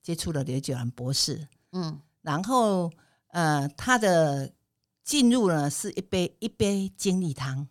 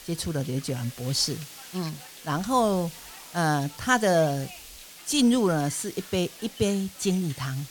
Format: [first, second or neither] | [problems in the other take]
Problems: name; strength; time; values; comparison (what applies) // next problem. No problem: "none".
first | hiss; noticeable; throughout; 15 dB below the speech